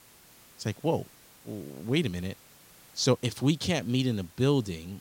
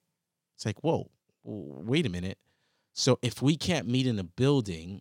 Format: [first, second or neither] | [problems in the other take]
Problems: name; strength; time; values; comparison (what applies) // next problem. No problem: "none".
second | hiss; faint; throughout; 25 dB below the speech